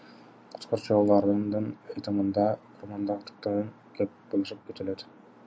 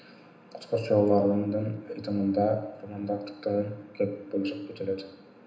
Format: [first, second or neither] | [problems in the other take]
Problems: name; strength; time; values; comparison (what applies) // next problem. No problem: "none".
first | room echo; dies away in 0.8 s